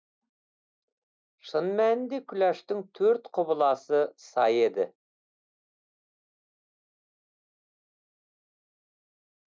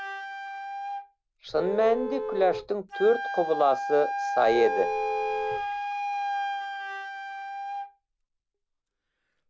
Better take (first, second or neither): first